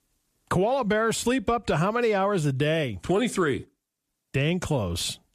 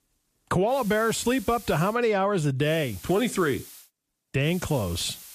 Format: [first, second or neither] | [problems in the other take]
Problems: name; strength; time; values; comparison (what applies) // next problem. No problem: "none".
first | hiss; noticeable; from 0.5 to 2 s, from 2.5 to 4 s and at 4.5 s; 20 dB below the speech